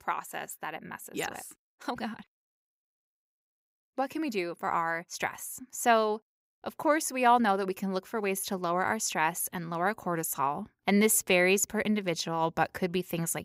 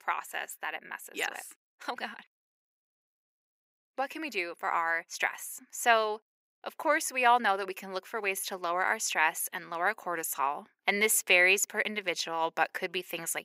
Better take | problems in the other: first | thin; somewhat; fading below 400 Hz

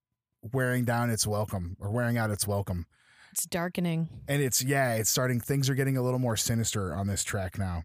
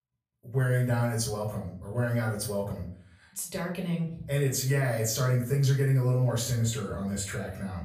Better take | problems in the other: first | off-mic speech; far // room echo; slight; dies away in 0.4 s

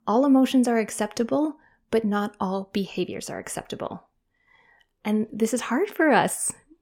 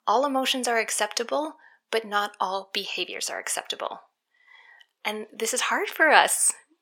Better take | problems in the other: first | thin; very; fading below 700 Hz

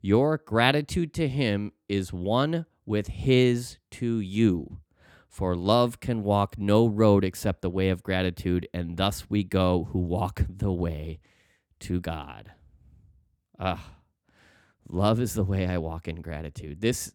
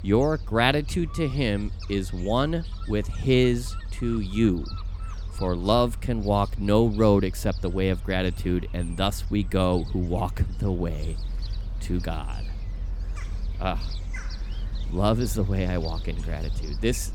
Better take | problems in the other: first | animal sounds; loud; throughout; 9 dB below the speech

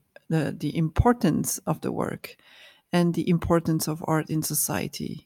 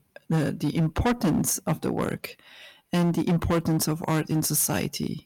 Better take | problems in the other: first | distortion; heavy; 11% of the sound clipped

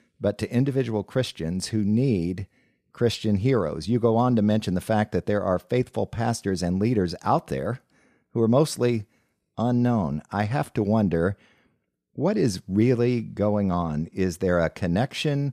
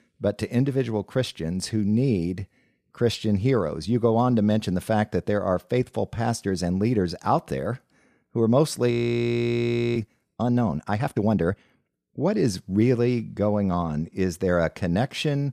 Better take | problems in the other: first | audio freezing; at 9 s for 1 s

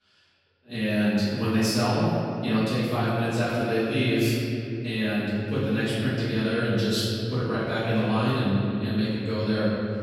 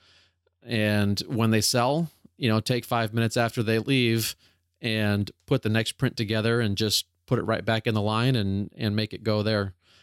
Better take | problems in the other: second | off-mic speech; far // room echo; strong; dies away in 2.7 s

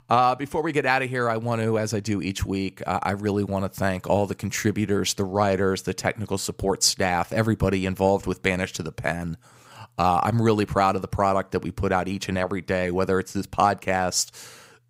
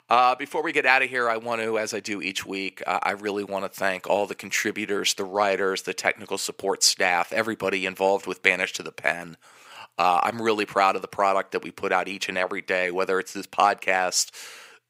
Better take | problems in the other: first | thin; somewhat; fading below 350 Hz

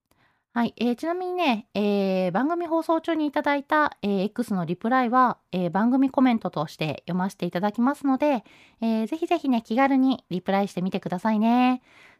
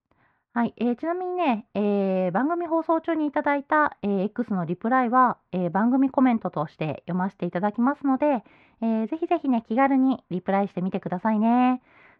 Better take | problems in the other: first | muffled; very; fading above 1.5 kHz

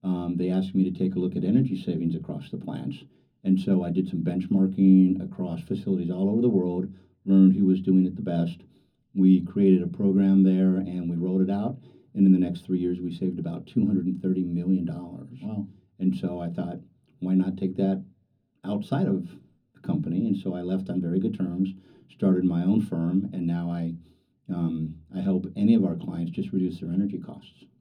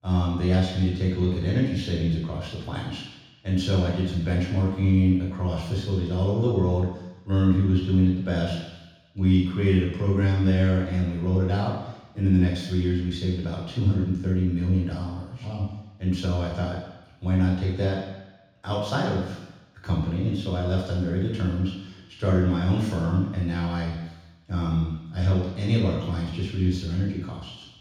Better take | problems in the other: first | room echo; strong; dies away in 1.1 s; slight in the first // off-mic speech; far; far in the first

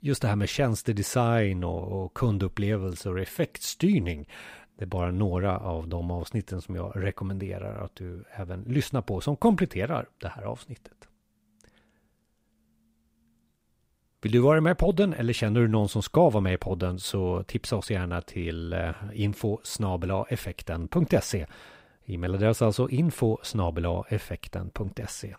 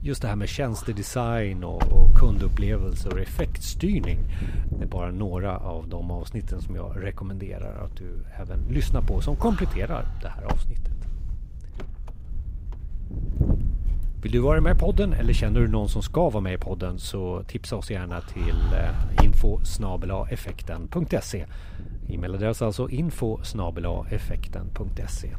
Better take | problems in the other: first | wind noise on the microphone; heavy; 8 dB below the speech

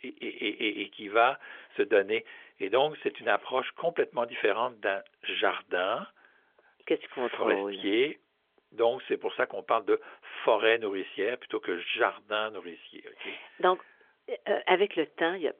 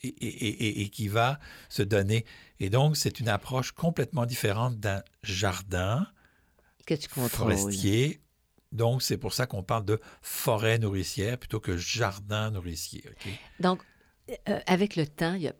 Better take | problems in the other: second | phone-call audio; nothing above 3.5 kHz

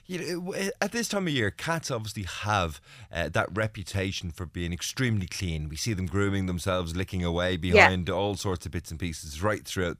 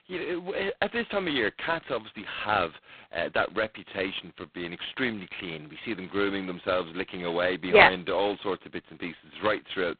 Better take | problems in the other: first | phone-call audio; poor line; nothing above 4 kHz

